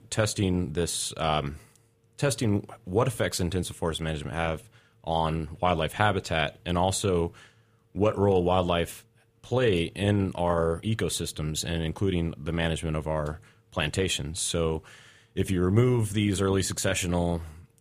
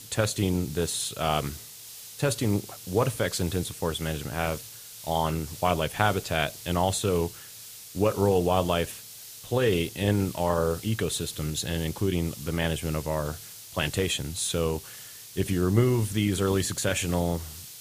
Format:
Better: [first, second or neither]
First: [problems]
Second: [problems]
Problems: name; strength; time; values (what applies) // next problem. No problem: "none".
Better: first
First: none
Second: hiss; noticeable; throughout; 15 dB below the speech